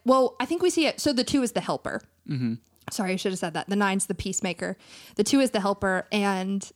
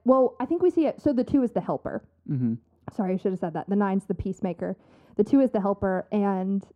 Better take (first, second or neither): first